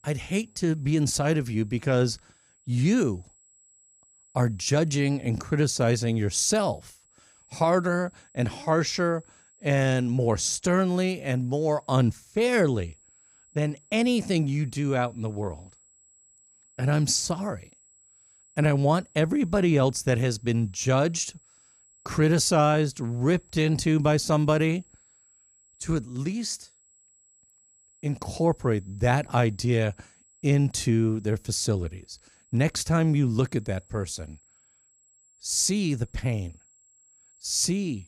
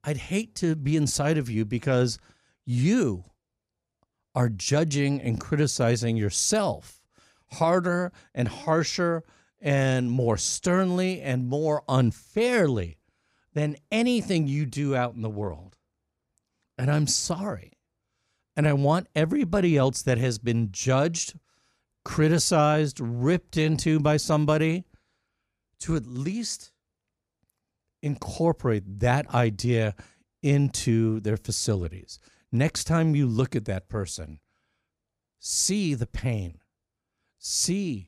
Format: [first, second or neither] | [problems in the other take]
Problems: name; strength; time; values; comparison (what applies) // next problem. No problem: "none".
second | high-pitched whine; faint; throughout; 7.5 kHz, 30 dB below the speech